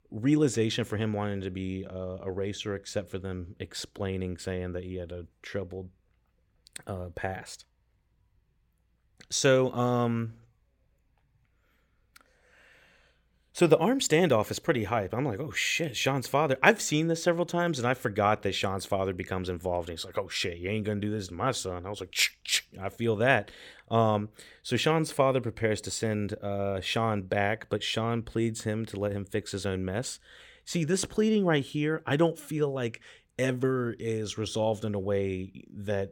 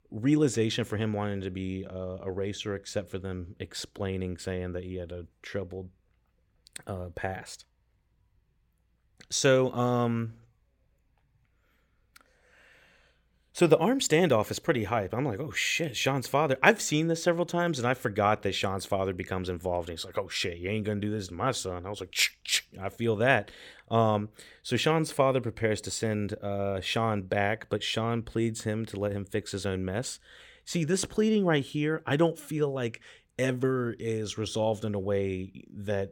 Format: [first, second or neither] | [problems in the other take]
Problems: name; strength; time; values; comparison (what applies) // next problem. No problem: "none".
neither | none